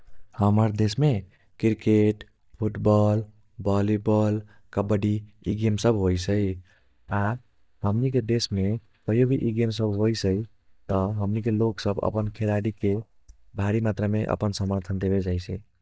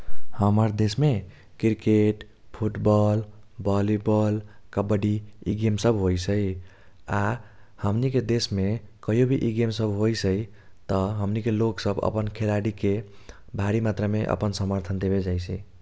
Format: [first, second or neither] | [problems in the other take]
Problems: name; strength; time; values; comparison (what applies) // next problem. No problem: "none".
second | noise reduction (neural mask model DeepFilterNet 3)